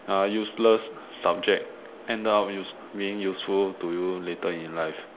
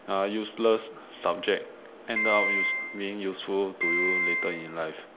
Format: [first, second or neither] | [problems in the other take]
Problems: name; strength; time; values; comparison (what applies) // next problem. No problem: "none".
first | background sound (Piano); 2 dB above the speech